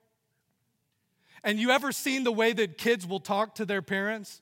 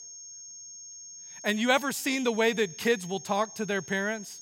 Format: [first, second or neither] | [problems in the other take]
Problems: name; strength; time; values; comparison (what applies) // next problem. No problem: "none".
first | high-pitched whine; noticeable; throughout; 6.5 kHz, 15 dB below the speech